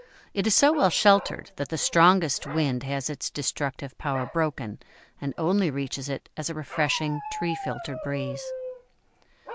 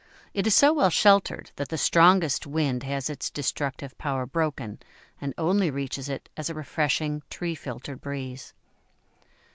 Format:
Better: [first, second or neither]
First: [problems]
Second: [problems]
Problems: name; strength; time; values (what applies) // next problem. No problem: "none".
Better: second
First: background sound (Bark); 14 dB below the speech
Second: none